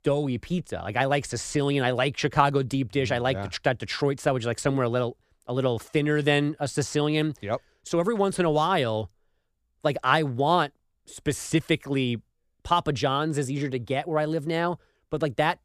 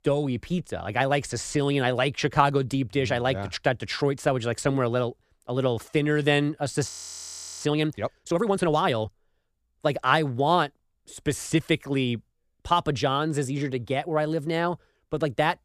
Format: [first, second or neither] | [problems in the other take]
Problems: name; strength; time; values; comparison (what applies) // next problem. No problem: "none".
first | audio freezing; at 7 s for 0.5 s